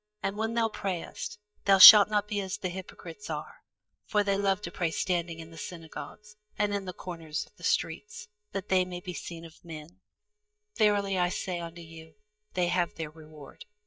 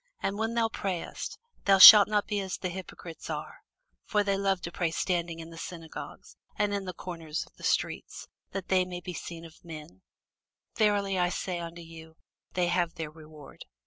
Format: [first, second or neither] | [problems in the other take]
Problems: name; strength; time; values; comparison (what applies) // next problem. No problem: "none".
second | noise reduction (neural mask model DeepFilterNet 3)